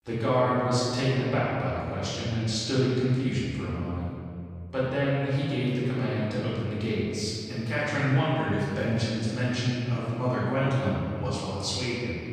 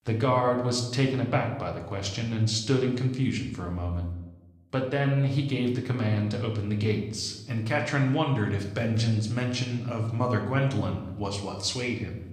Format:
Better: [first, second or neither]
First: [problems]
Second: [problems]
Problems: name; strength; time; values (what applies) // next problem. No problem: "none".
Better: second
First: room echo; strong; dies away in 2.2 s // off-mic speech; far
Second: room echo; slight; dies away in 0.8 s // off-mic speech; somewhat distant